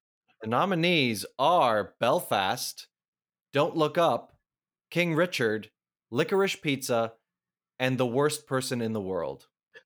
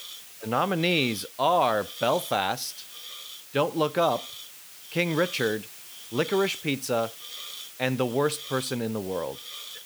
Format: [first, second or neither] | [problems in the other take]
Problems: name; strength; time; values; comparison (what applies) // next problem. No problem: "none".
first | hiss; noticeable; throughout; 10 dB below the speech